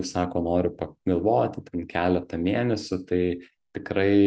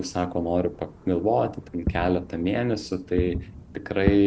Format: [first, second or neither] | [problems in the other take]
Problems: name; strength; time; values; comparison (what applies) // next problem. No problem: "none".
first | background sound (Fireworks); 8 dB below the speech